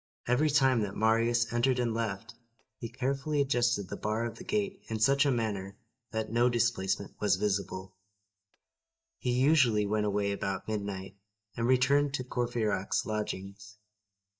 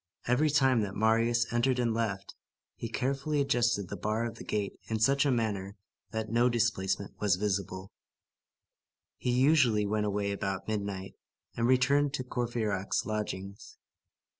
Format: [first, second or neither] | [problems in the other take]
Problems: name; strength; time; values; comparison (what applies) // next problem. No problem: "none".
second | noise reduction (neural mask model DeepFilterNet 3)